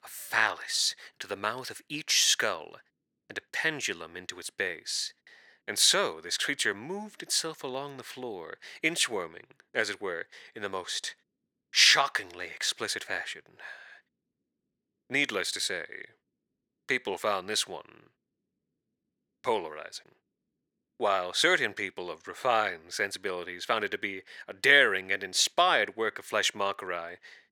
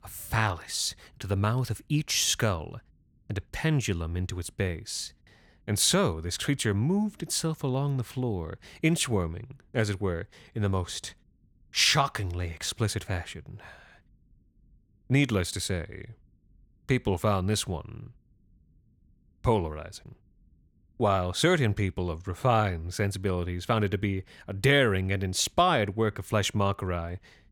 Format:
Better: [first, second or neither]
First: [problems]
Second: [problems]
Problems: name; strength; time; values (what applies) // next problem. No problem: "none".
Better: second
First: thin; very; fading below 450 Hz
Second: none